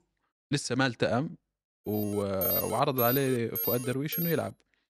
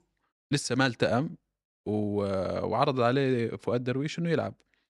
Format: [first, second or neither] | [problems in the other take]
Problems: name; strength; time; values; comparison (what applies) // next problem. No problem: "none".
second | alarm; loud; from 2 to 4.5 s; peak 2 dB above the speech